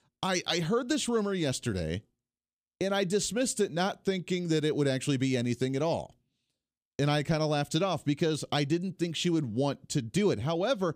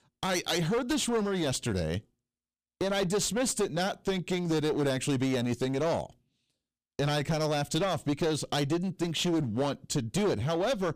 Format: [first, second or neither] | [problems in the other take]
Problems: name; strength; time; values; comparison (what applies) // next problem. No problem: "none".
first | distortion; heavy; 14% of the sound clipped